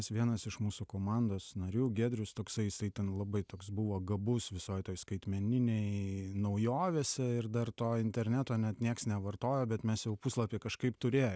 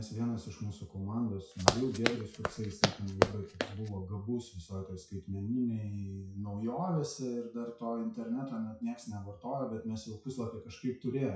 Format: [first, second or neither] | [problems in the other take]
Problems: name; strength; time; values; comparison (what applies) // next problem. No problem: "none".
first | noise reduction (classical method WPE with log-MMSE)